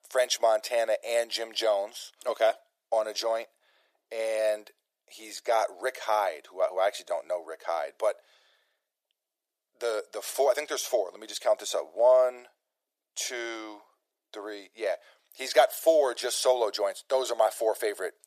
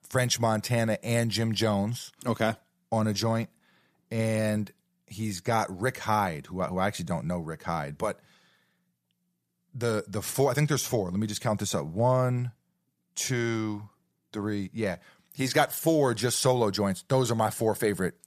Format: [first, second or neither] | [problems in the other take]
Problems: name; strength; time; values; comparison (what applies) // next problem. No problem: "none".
second | thin; very; fading below 350 Hz